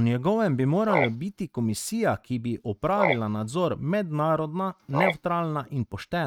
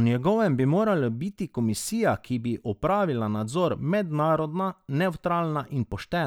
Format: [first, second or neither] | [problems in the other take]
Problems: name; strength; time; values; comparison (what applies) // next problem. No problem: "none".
second | noise reduction (neural mask model RNNoise)